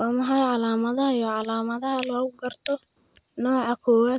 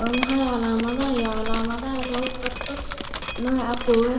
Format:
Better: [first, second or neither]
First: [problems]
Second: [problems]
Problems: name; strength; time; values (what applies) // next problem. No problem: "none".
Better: first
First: none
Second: background sound (Drip); 5 dB below the speech // room echo; dies away in 1.6 s